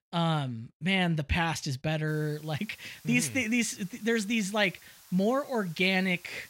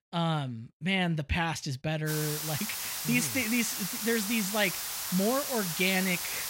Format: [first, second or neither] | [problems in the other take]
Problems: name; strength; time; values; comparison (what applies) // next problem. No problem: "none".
first | hiss; loud; from 2 s on; 2 dB below the speech; faint in the first